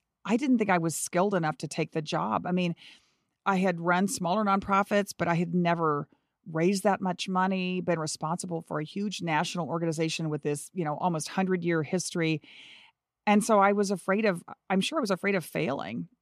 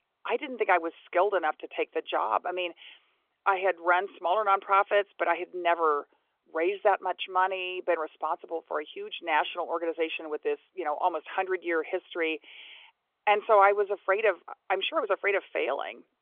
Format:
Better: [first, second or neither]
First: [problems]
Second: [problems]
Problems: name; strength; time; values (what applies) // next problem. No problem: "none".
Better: first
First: none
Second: phone-call audio; nothing above 3.5 kHz